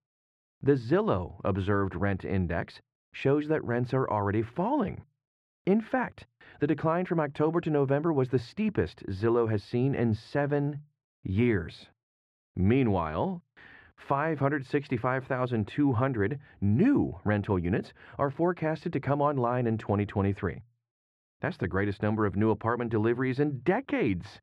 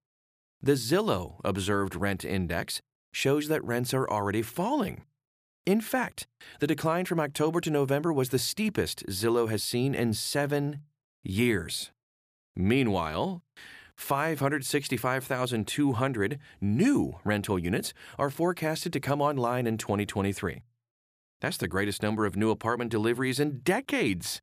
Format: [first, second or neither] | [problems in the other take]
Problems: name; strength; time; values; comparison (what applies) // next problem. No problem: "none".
second | muffled; very; fading above 2 kHz